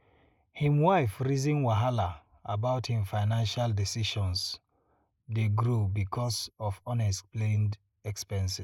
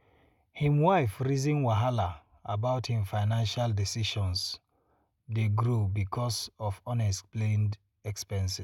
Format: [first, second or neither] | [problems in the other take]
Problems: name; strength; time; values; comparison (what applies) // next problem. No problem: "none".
second | noise reduction (neural mask model Resemble Enhance denoiser)